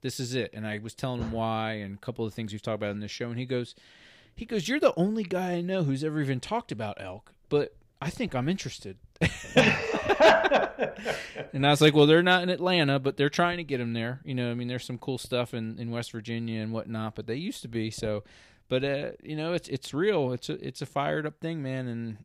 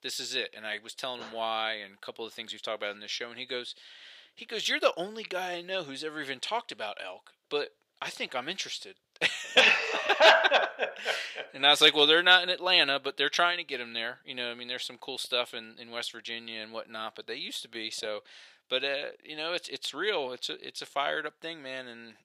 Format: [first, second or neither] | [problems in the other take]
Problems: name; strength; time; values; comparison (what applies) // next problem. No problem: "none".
first | thin; very; fading below 550 Hz